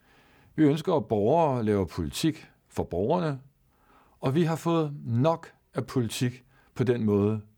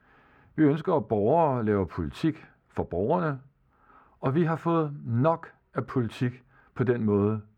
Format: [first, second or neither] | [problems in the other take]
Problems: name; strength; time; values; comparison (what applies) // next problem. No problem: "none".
first | muffled; slightly; fading above 3.5 kHz